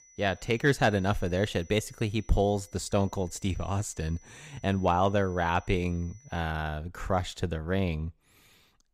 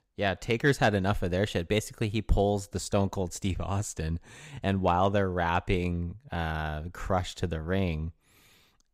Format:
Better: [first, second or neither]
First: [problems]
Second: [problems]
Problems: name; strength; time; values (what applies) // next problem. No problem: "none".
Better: second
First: high-pitched whine; faint; until 6.5 s; 6 kHz, 25 dB below the speech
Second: none